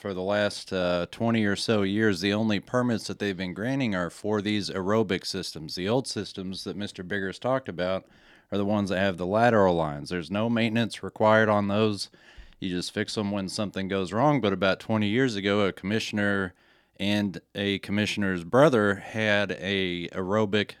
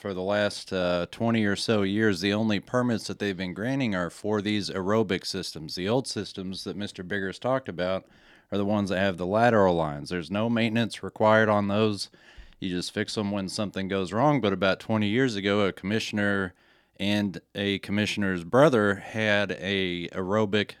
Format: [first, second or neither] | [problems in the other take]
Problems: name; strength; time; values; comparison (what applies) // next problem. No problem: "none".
neither | none